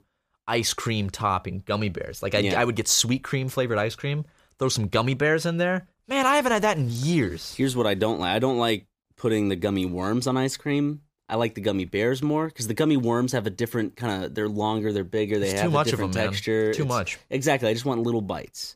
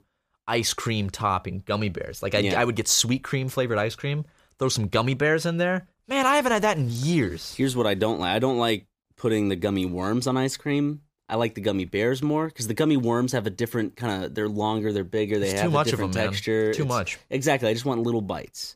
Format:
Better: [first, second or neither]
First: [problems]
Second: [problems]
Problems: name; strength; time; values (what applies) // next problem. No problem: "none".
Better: neither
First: none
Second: none